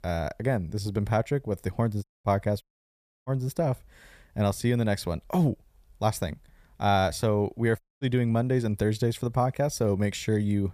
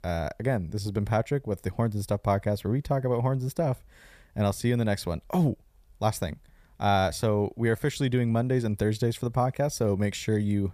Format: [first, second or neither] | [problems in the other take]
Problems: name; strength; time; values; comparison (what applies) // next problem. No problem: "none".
second | audio cutting out; at 2 s, at 2.5 s for 0.5 s and at 8 s